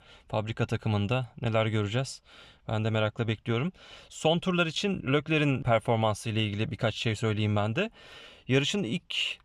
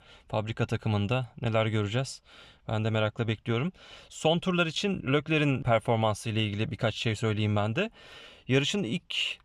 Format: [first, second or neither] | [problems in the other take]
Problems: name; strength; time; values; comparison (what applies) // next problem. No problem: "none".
neither | none